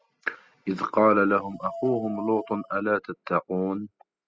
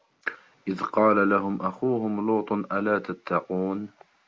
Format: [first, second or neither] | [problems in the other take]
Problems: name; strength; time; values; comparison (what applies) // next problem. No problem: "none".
second | noise reduction (classical method spectral subtraction)